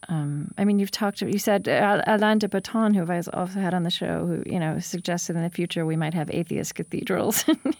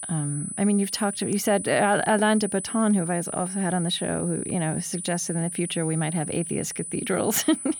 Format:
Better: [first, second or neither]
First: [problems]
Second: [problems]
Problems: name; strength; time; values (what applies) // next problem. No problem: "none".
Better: first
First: high-pitched whine; faint; throughout; 9.5 kHz, 25 dB below the speech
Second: high-pitched whine; loud; throughout; 9.5 kHz, 7 dB below the speech